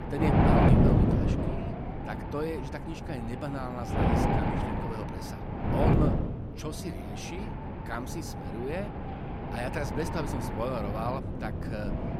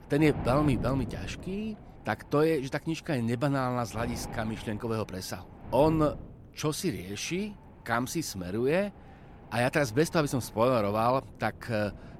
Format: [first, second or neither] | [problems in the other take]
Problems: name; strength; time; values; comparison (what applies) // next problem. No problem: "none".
second | wind noise on the microphone; heavy; 4 dB above the speech; occasional gusts in the second